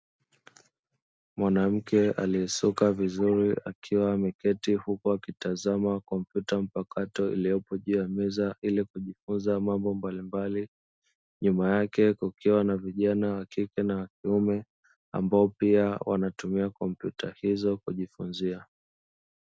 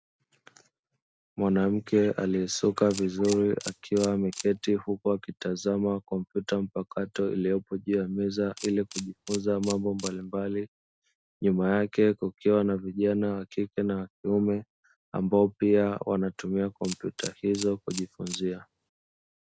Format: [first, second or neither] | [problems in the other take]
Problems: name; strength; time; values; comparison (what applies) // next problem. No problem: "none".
first | background sound (Camera); 15 dB below the speech